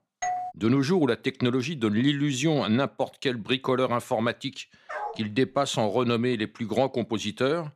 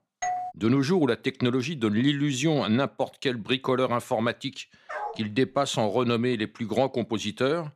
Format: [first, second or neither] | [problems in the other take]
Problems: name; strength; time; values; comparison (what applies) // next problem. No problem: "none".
neither | doorbell; noticeable; at the start; peak 5 dB below the speech; the same in both // dog barking; noticeable; at 5 s; peak 9 dB below the speech; the same in both